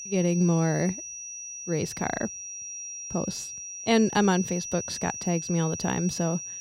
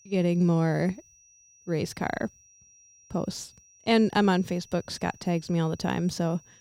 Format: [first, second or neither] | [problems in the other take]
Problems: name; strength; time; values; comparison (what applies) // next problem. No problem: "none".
second | high-pitched whine; loud; throughout; 6 kHz, 8 dB below the speech; faint in the second